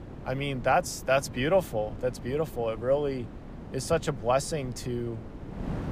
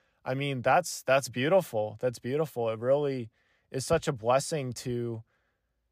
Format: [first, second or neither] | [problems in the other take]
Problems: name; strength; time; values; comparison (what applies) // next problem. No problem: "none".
second | wind noise on the microphone; occasional gusts; 20 dB below the speech